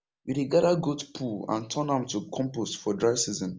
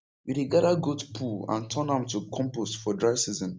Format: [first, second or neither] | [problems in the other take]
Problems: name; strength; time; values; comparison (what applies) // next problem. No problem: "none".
first | noise reduction (neural mask model RNNoise)